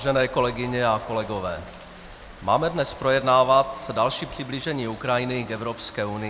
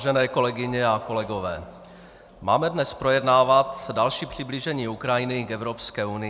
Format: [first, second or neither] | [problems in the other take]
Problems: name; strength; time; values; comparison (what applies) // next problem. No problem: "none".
second | background sound (Rain); 20 dB below the speech